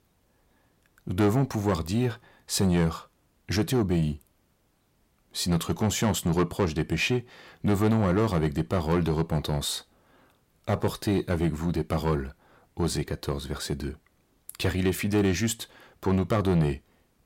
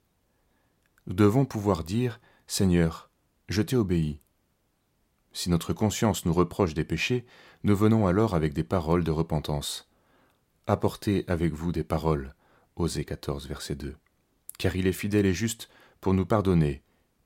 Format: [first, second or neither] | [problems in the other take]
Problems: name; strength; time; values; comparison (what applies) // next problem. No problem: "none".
second | distortion; slight; 10 dB below the speech